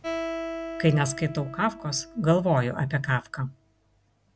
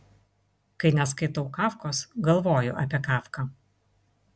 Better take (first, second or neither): second